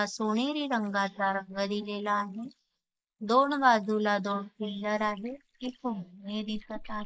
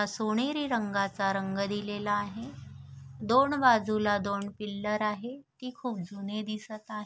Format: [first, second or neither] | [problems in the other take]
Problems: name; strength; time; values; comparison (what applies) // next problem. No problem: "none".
second | noise reduction (neural mask model Resemble Enhance denoiser)